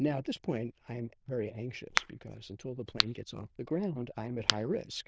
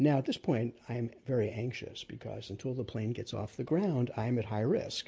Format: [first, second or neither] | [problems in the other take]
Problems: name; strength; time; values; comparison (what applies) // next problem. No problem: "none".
second | noise reduction (neural diffusion model UNIVERSE++)